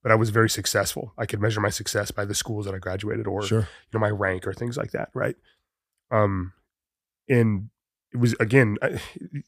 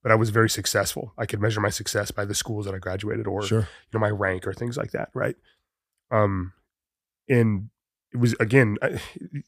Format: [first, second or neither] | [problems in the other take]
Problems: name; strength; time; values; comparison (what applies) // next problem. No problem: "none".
neither | none